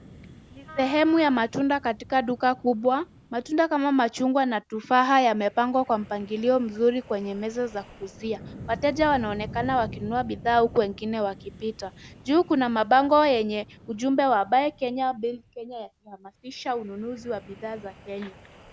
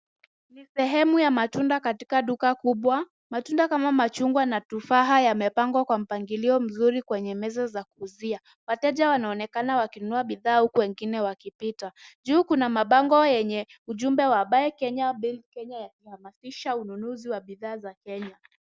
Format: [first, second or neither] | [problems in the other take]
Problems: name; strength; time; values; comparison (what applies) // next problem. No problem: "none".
second | background sound (Wind instrument, woodwind instrument + Wind); 20 dB below the speech